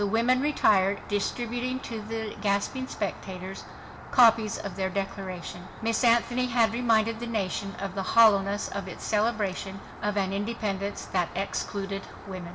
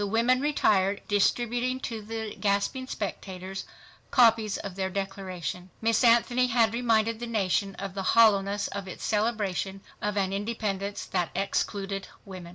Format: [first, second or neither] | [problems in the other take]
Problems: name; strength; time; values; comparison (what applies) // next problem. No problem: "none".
second | background sound (Rain); 15 dB below the speech // room echo; dies away in 1.4 s